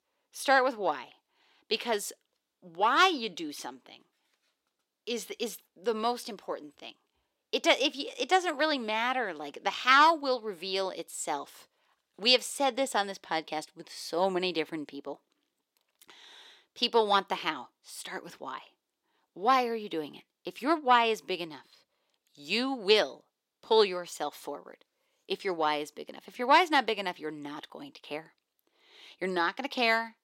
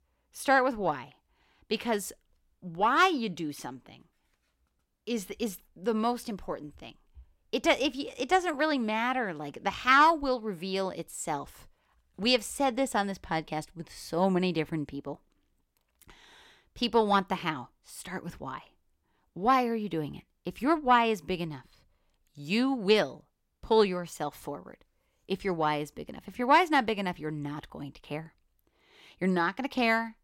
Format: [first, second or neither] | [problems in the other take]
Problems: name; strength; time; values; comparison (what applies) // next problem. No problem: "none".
second | thin; very slightly; fading below 400 Hz